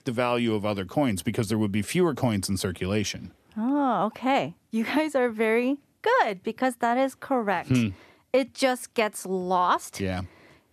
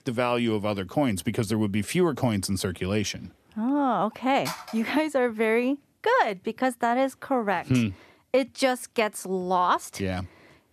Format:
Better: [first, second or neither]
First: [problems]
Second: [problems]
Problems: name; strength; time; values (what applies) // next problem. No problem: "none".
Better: first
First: none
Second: phone ringing; noticeable; at 4.5 s; peak 9 dB below the speech